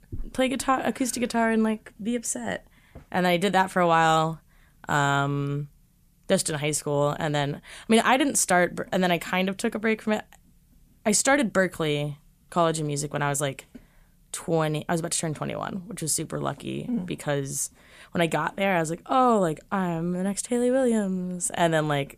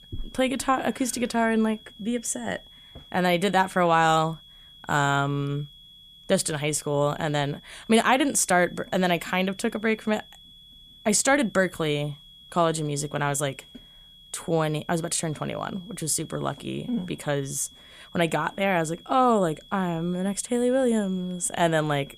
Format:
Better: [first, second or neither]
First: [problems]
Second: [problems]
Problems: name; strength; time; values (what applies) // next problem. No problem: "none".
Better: first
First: none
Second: high-pitched whine; faint; throughout; 3.5 kHz, 25 dB below the speech